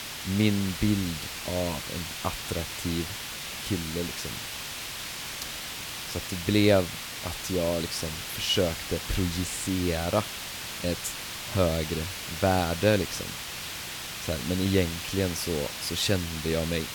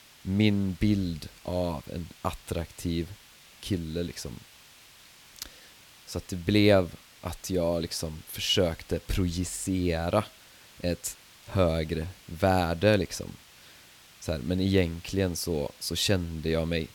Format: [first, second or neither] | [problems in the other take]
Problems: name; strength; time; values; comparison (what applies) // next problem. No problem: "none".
second | hiss; loud; throughout; 5 dB below the speech; faint in the second